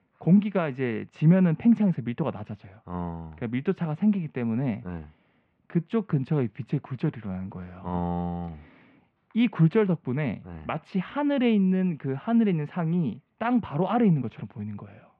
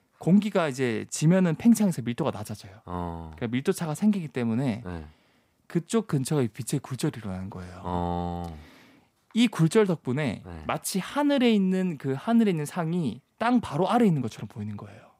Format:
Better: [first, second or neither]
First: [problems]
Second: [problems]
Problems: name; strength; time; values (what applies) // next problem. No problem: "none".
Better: second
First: muffled; very; fading above 2.5 kHz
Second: none